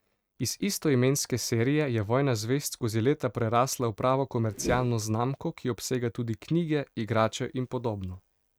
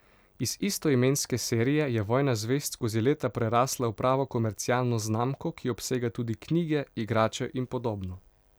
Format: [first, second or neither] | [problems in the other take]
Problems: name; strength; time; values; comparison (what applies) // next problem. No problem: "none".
second | noise reduction (neural mask model RNNoise)